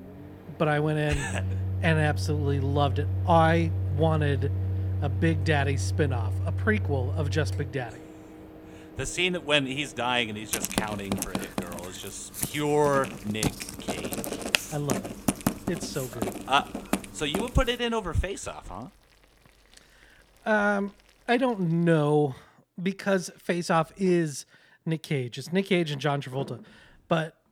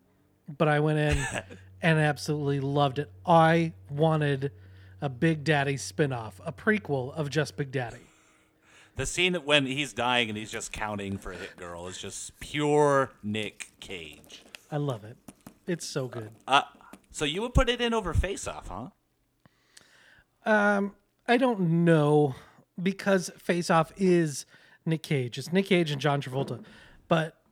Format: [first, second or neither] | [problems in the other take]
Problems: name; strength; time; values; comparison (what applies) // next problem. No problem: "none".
second | household noises; loud; until 22 s; 3 dB below the speech; faint in the second